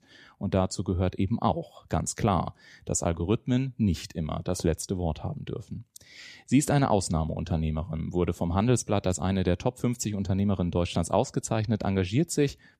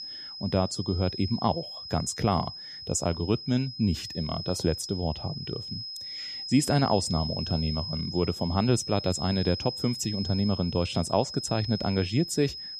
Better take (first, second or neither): first